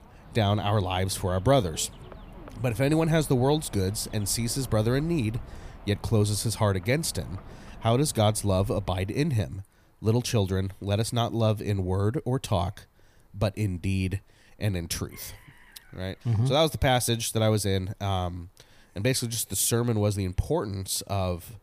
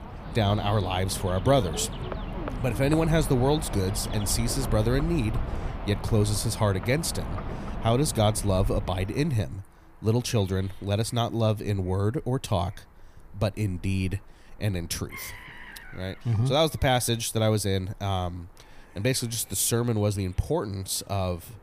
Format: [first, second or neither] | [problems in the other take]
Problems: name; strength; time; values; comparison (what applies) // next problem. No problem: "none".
first | animal sounds; loud; throughout; 9 dB below the speech; faint in the first